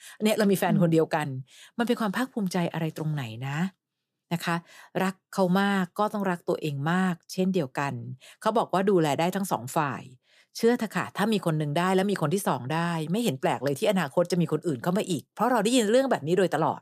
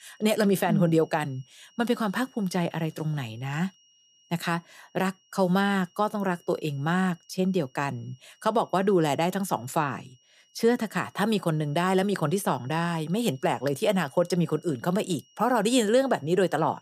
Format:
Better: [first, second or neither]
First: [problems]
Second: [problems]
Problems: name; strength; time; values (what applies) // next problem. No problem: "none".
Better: first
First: none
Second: high-pitched whine; faint; throughout; 3 kHz, 30 dB below the speech